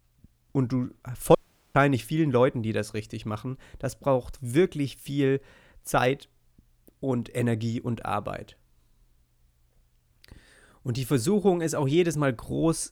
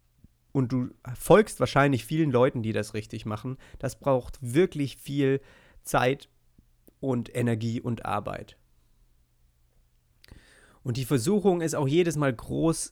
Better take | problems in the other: second | audio cutting out; at 1.5 s

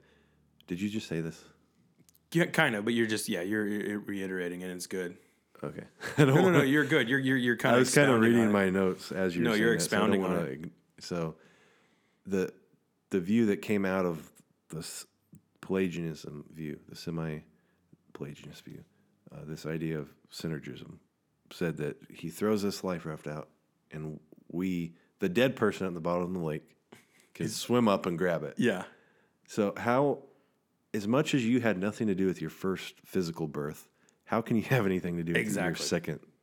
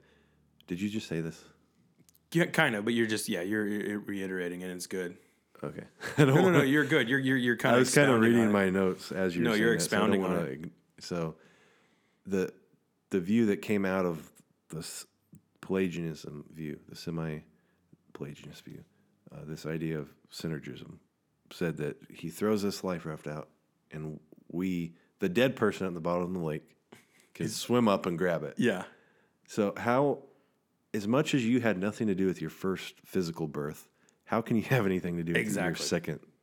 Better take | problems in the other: neither | none

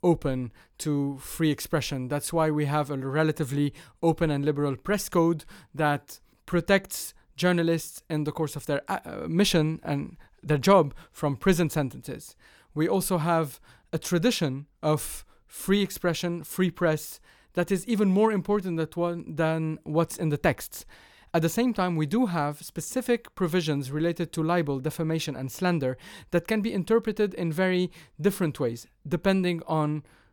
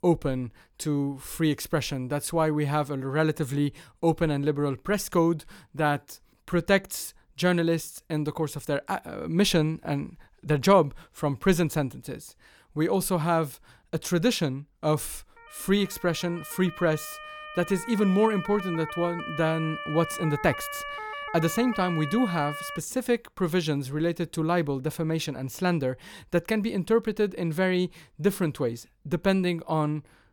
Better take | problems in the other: first | siren; noticeable; from 15 to 23 s; peak 7 dB below the speech

